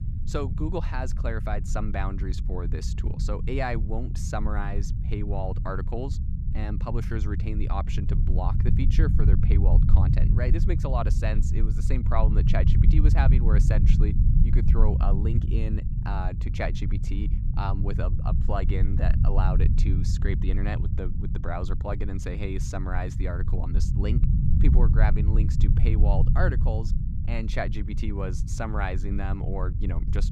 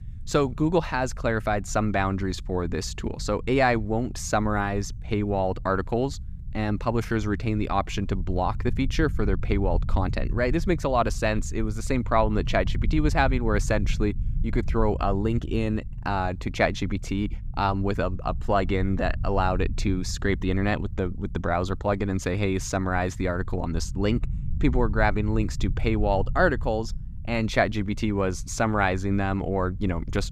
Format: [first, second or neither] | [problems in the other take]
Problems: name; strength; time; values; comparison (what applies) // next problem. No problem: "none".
second | low rumble; loud; throughout; 6 dB below the speech; faint in the second